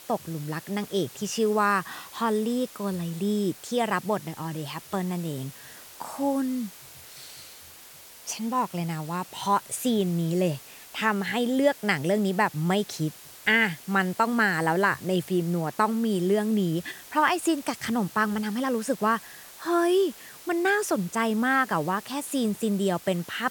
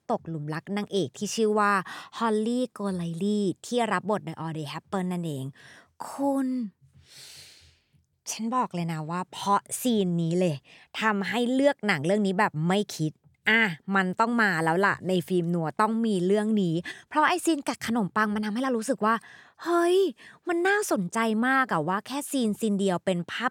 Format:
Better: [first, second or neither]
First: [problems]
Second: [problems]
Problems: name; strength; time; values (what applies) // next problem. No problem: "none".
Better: second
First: hiss; noticeable; throughout; 20 dB below the speech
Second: none